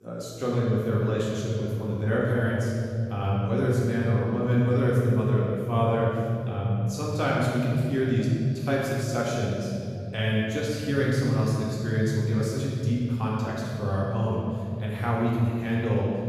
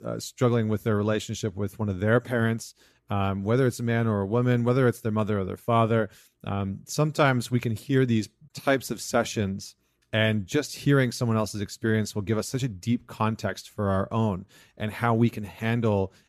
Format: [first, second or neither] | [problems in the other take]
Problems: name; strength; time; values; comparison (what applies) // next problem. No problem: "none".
second | room echo; strong; dies away in 3 s // off-mic speech; far